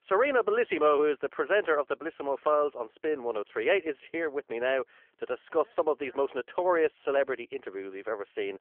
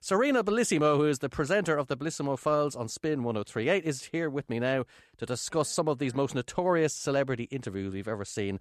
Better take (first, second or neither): second